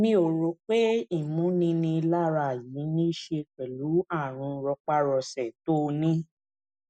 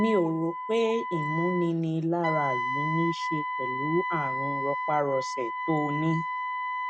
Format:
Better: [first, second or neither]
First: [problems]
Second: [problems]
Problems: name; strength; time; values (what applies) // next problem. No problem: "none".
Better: first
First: none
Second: background sound (Wind instrument, woodwind instrument); 3 dB below the speech